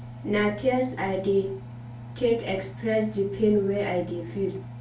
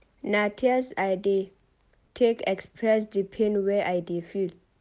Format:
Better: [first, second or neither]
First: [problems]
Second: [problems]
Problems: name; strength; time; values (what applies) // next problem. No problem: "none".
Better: second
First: background sound (Engine); 12 dB below the speech // room echo; dies away in 0.3 s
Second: none